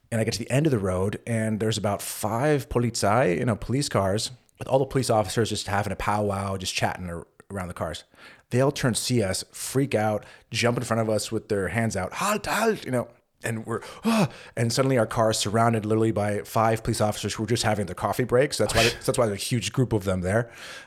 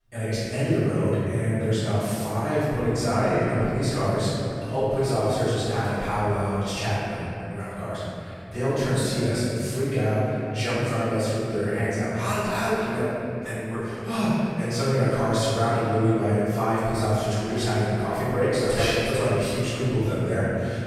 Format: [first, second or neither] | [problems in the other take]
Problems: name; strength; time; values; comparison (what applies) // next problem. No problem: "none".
first | off-mic speech; far // room echo; strong; dies away in 3 s